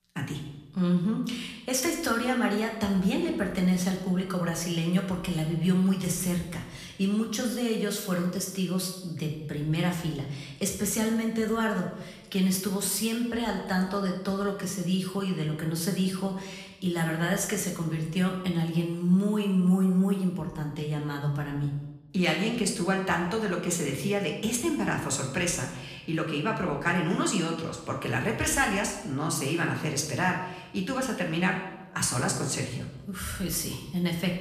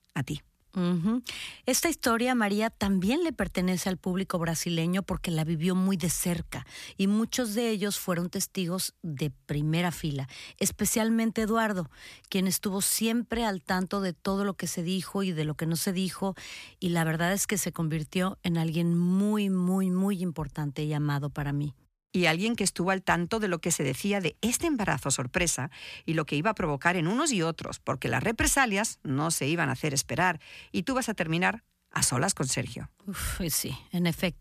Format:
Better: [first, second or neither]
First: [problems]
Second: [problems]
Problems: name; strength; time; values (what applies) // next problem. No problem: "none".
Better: second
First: room echo; noticeable; dies away in 0.8 s // off-mic speech; somewhat distant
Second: none